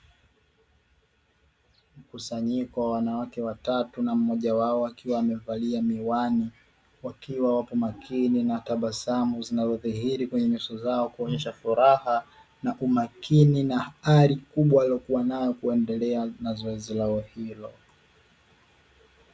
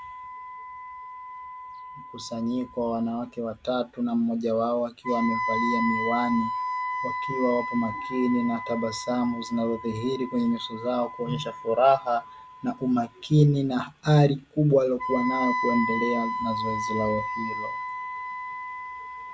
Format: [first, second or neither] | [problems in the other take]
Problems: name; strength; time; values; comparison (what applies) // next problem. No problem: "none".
first | background sound (Wind instrument, woodwind instrument); 6 dB below the speech